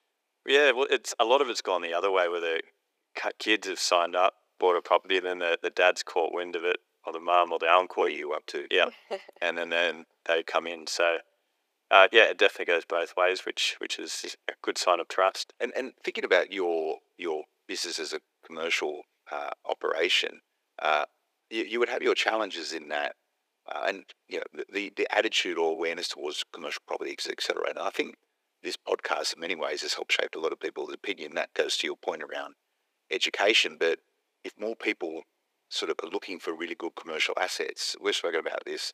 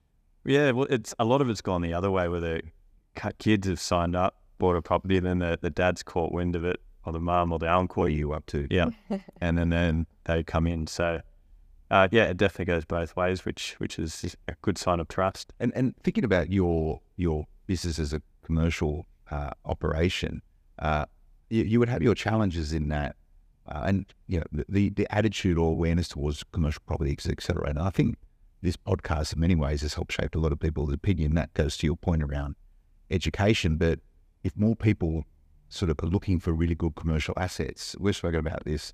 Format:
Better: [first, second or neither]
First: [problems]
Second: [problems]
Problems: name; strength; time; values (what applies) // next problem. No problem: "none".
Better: second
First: thin; very; fading below 400 Hz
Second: none